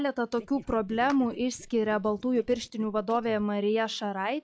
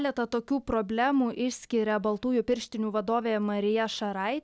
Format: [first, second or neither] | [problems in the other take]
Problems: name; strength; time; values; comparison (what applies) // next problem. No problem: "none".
second | noise reduction (classical method log-MMSE)